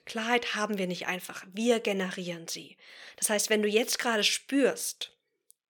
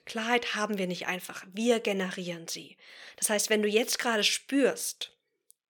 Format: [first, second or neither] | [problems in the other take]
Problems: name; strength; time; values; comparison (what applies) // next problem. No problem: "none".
neither | thin; very slightly; fading below 900 Hz; the same in both